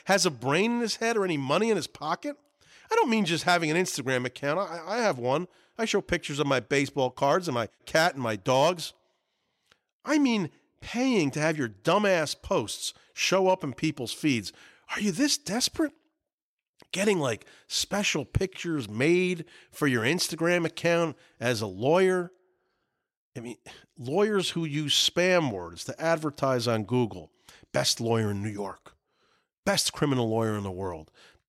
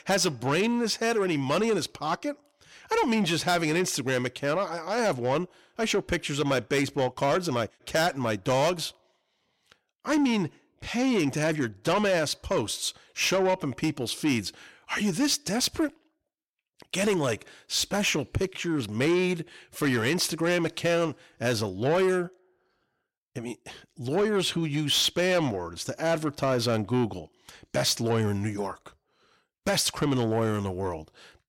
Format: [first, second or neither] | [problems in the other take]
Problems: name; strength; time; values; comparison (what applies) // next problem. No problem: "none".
first | distortion; slight; 10 dB below the speech